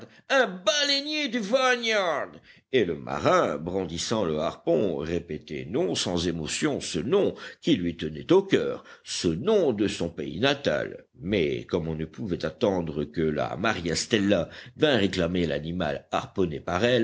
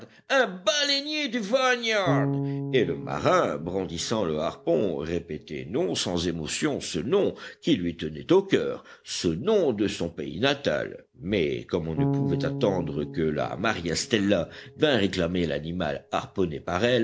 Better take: first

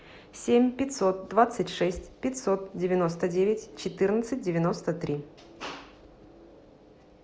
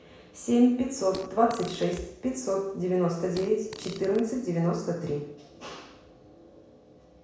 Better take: first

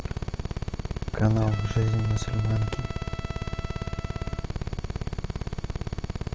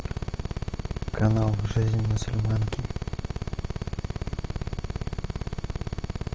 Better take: second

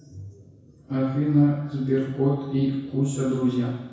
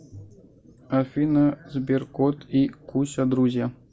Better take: second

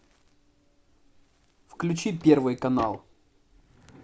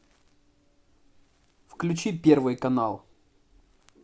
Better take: second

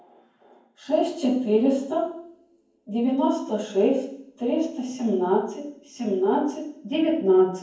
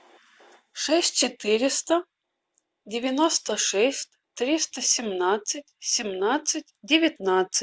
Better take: second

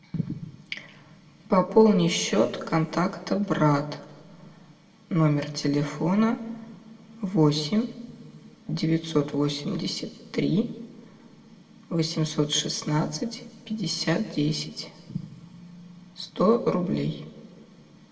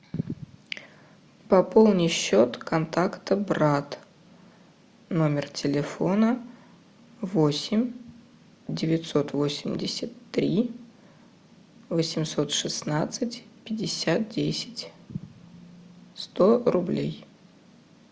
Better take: second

